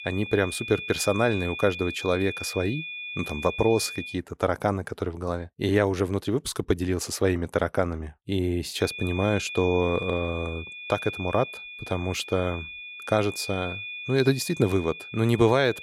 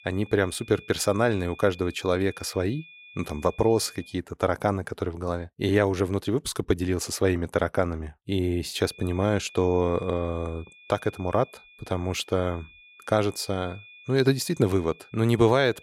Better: second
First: high-pitched whine; loud; until 4 s and from 9 s on; 2.5 kHz, 9 dB below the speech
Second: high-pitched whine; faint; until 4 s and from 9 s on; 2.5 kHz, 20 dB below the speech

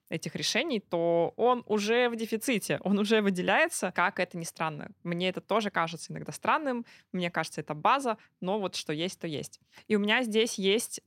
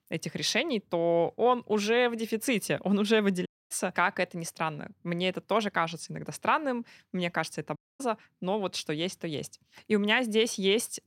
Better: first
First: none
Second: audio cutting out; at 3.5 s and at 8 s

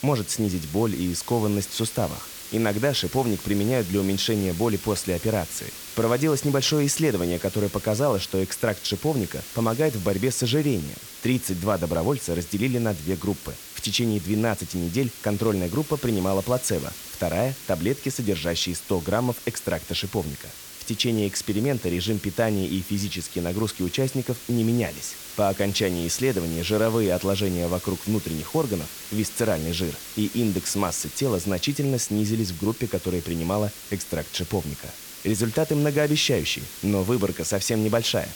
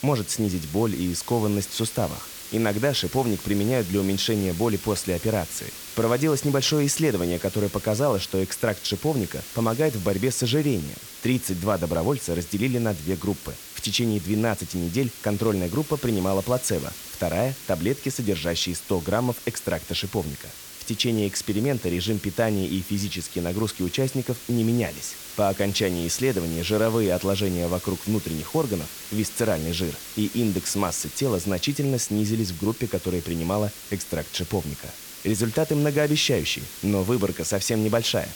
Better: neither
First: hiss; noticeable; throughout; 10 dB below the speech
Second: hiss; noticeable; throughout; 10 dB below the speech

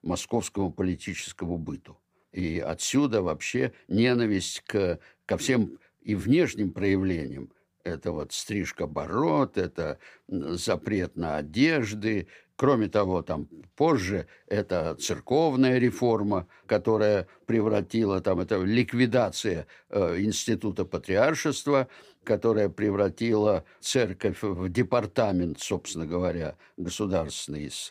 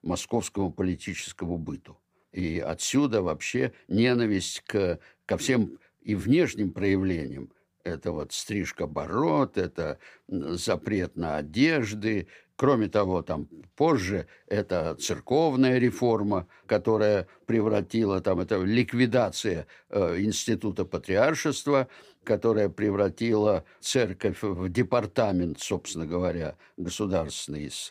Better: neither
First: none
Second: none

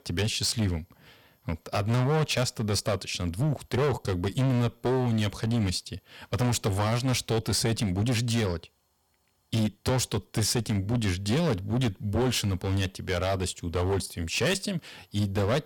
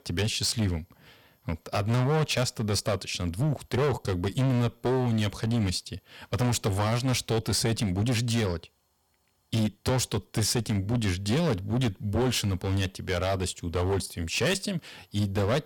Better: neither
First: distortion; heavy; 14% of the sound clipped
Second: distortion; heavy; 14% of the sound clipped

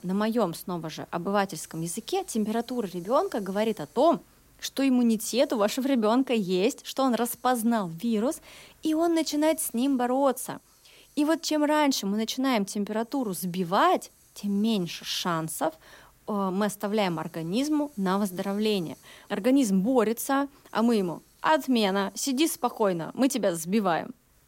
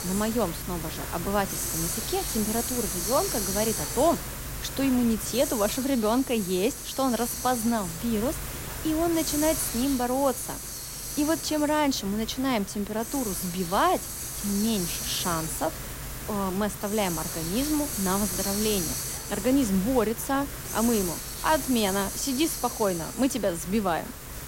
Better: first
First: hiss; faint; throughout; 30 dB below the speech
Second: hiss; loud; throughout; 4 dB below the speech

